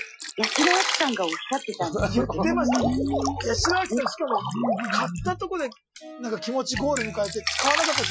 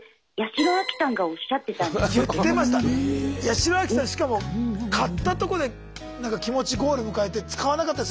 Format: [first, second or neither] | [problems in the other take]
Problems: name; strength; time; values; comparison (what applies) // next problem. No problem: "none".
second | noise reduction (classical method Wiener filter)